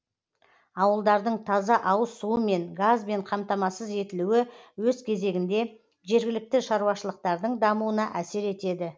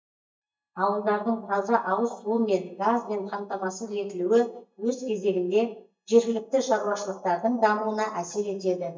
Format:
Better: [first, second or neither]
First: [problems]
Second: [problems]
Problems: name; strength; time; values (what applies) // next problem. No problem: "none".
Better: first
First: none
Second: noise reduction (neural mask model DeepFilterNet 3)